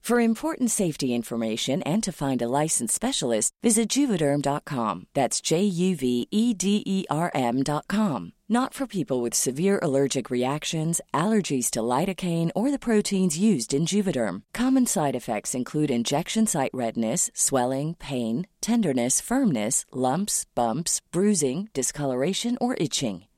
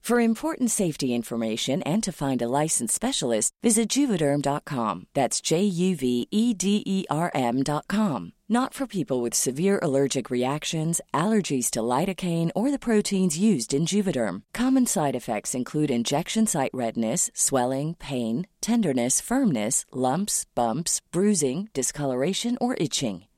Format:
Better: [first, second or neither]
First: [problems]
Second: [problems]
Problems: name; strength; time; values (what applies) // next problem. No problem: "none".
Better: neither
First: none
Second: none